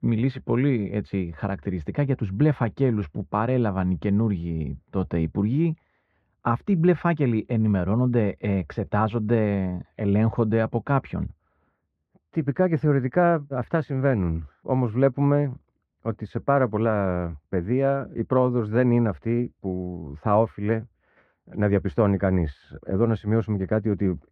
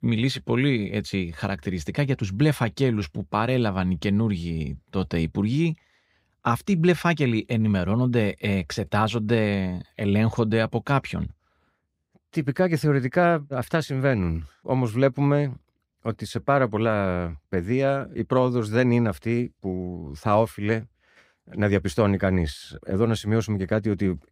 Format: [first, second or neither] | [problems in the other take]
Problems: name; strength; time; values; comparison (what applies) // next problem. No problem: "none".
second | muffled; very; fading above 4 kHz